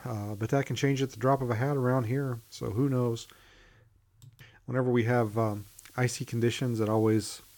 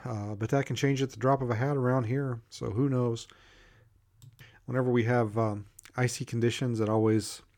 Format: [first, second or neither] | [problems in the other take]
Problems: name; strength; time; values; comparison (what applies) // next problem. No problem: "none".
second | hiss; faint; until 3.5 s and from 5 s on; 25 dB below the speech